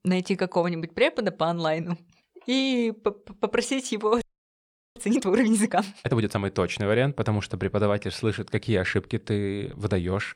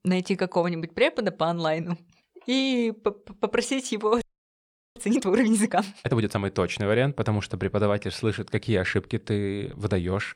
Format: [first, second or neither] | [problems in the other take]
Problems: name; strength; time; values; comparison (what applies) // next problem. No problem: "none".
neither | audio freezing; at 4 s for 0.5 s; the same in both